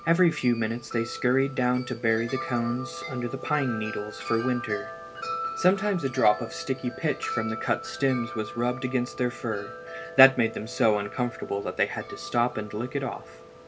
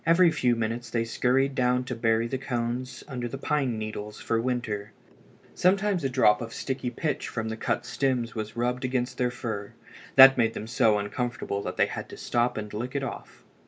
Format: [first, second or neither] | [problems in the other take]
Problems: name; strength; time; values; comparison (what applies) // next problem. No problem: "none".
second | background sound (Wind chime); 11 dB below the speech